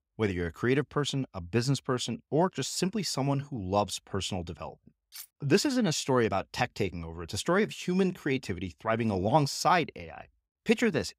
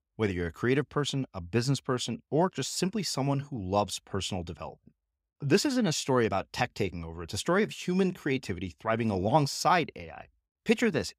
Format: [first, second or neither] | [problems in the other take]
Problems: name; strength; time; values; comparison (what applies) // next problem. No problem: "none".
second | clattering dishes; faint; at 5 s; peak 15 dB below the speech